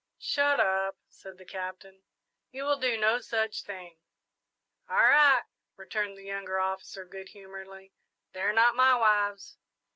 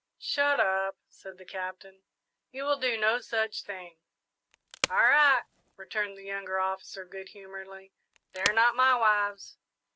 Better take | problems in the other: first | background sound (Wood); 9 dB below the speech

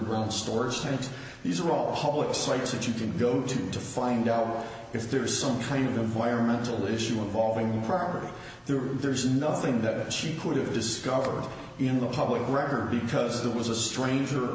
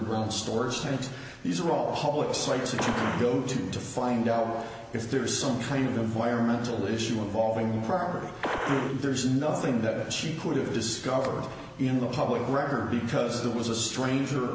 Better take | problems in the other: first | background sound (Gunshot, gunfire); 7 dB below the speech

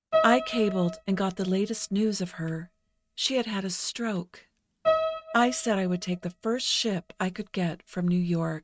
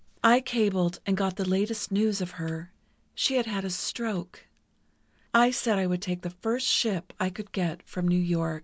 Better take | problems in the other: second | noise reduction (neural mask model RNNoise)

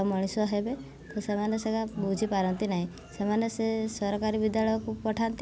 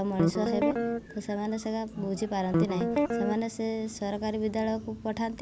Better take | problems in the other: first | background sound (Guitar); 3 dB above the speech

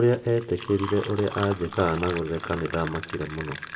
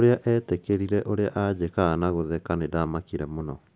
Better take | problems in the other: second | background sound (Fill (with liquid)); 12 dB below the speech // room echo; dies away in 1 s

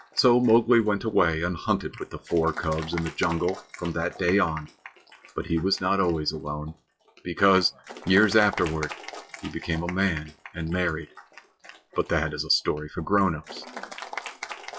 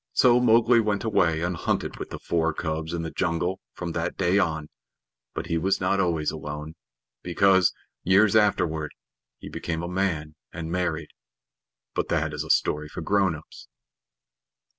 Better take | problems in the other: second | noise reduction (classical method log-MMSE)

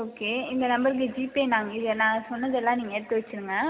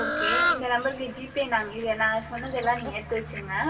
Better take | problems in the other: first | background sound (Fowl); 3 dB below the speech // room echo; dies away in 0.2 s

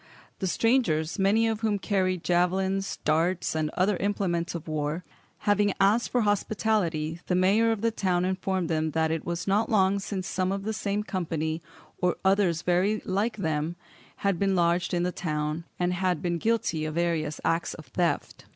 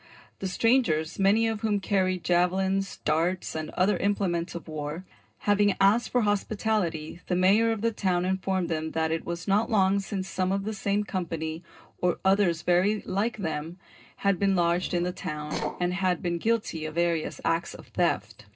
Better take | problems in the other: first | noise reduction (neural separator model SepFormer DNS4)

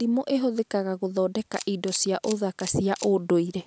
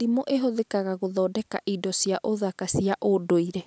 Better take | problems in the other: second | background sound (Camera); 18 dB below the speech

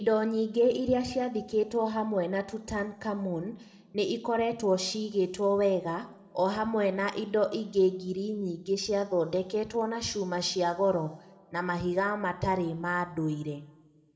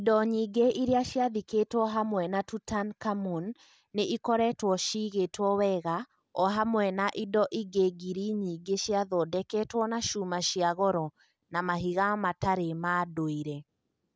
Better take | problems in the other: second | room echo; dies away in 1 s

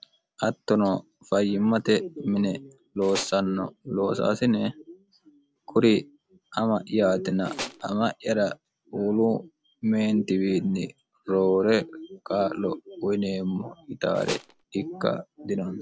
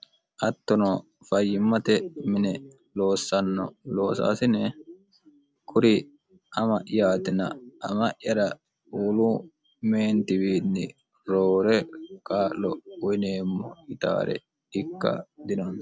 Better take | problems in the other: second | background sound (Tools); 10 dB below the speech

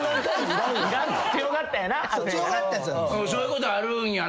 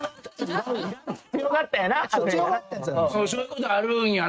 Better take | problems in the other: first | noise reduction (neural mask model RNNoise)

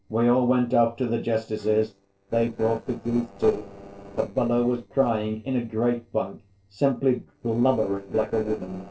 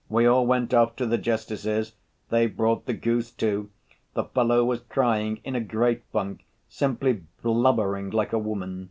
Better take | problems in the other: second | noise reduction (neural separator model SepFormer DNS4)

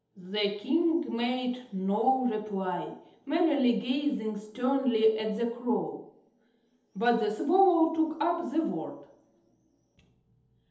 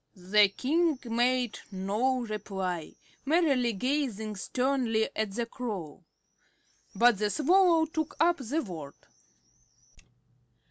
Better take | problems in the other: second | room echo; dies away in 0.8 s

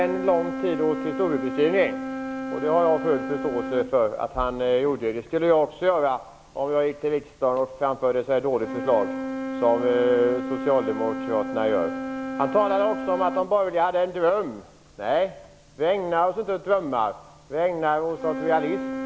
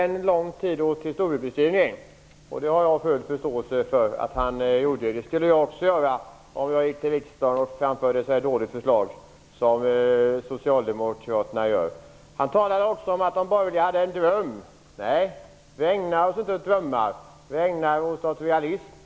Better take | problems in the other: second | background sound (Wind instrument, woodwind instrument); 9 dB below the speech

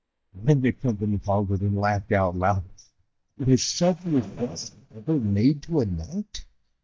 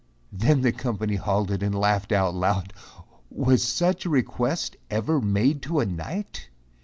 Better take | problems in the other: second | noise reduction (neural mask model DeepFilterNet 3)

